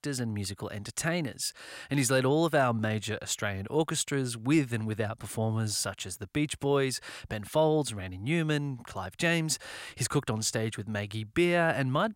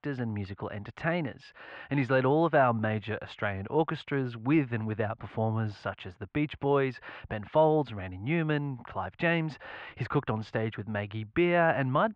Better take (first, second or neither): first